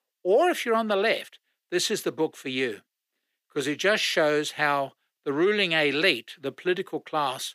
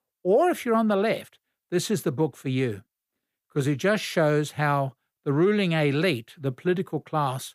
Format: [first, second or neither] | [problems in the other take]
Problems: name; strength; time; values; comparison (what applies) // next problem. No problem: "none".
second | thin; somewhat; fading below 350 Hz